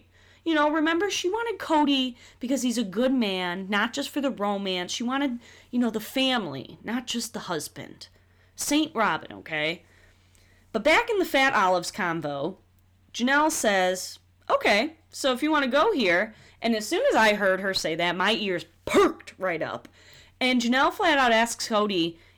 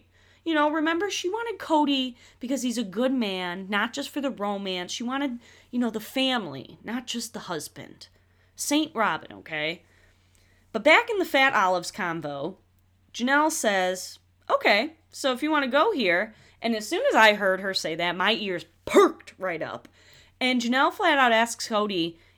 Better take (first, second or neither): second